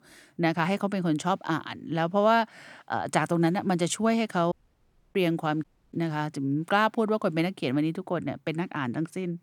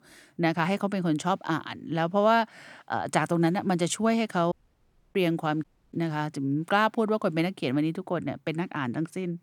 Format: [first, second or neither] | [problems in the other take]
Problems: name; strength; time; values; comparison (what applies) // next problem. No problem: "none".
neither | audio cutting out; at 4.5 s for 0.5 s and at 5.5 s; the same in both